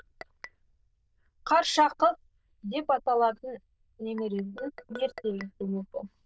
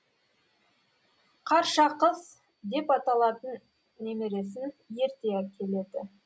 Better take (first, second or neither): second